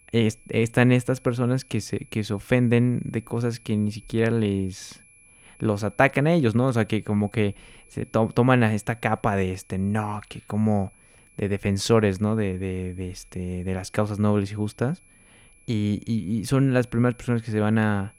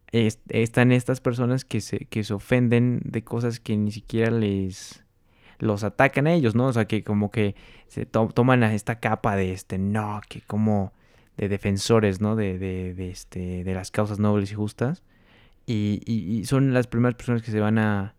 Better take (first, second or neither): second